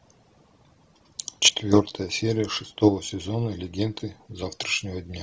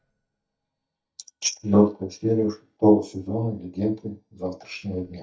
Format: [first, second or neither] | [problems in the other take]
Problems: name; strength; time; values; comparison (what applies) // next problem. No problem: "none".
first | noise reduction (neural mask model DeepFilterNet 3)